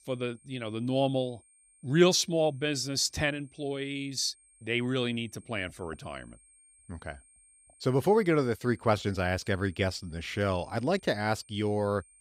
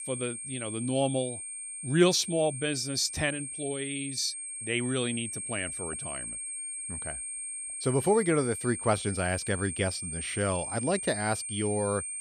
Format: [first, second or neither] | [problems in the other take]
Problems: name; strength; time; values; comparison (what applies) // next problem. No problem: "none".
first | high-pitched whine; loud; throughout; 8.5 kHz, 5 dB below the speech; faint in the first